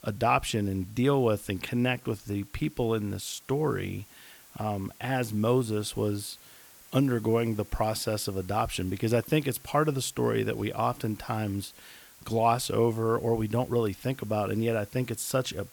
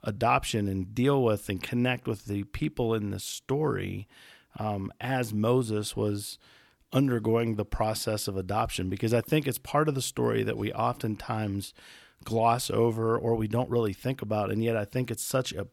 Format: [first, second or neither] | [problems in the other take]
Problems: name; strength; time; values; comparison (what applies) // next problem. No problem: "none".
second | hiss; faint; throughout; 20 dB below the speech